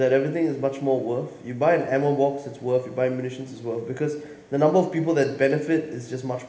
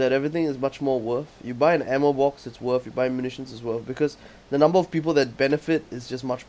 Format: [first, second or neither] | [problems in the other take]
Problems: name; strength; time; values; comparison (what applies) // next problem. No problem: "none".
second | room echo; dies away in 1 s